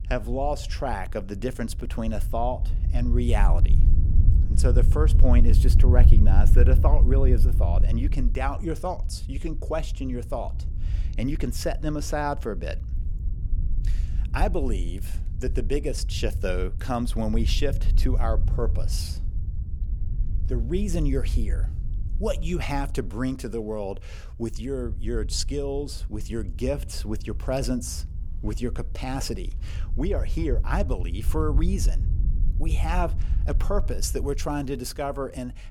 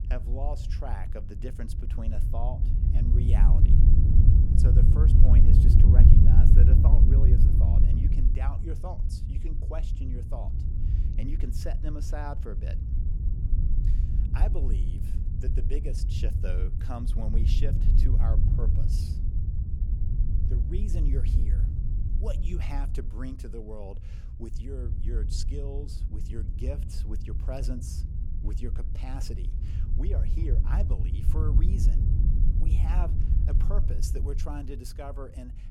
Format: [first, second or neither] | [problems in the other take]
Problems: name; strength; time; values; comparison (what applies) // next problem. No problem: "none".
first | wind noise on the microphone; heavy; as loud as the speech; occasional gusts in the first